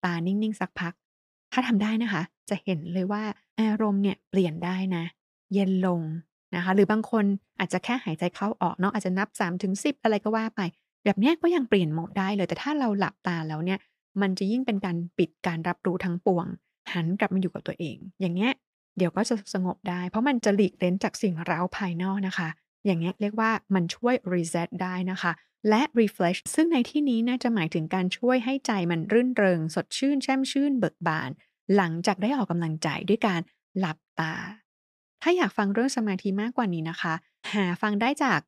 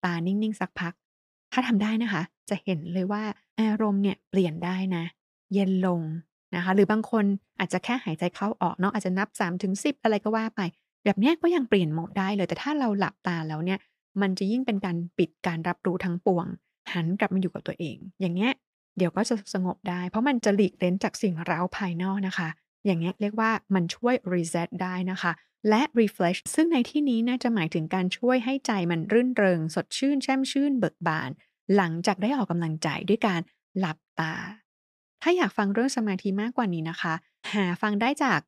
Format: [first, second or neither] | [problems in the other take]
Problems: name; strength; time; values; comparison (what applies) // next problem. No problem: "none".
neither | none